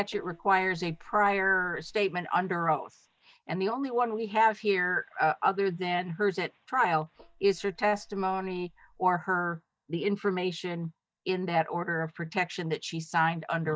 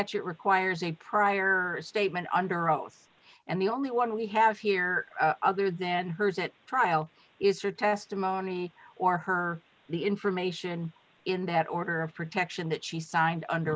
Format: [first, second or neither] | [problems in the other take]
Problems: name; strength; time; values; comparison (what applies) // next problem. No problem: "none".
second | noise reduction (neural mask model DeepFilterNet 3)